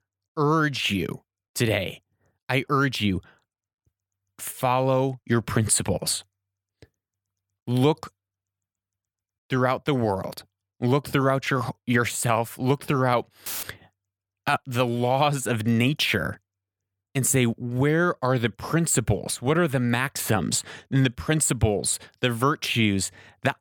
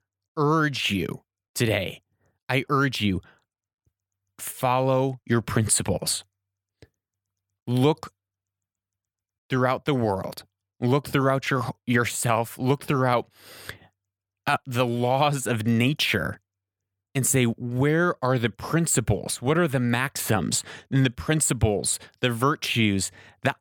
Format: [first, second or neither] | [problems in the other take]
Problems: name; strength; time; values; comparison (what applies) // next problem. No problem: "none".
second | audio cutting out; filled with static; at 13 s